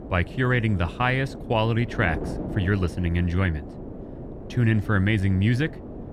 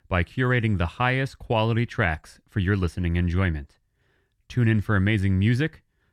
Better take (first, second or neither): second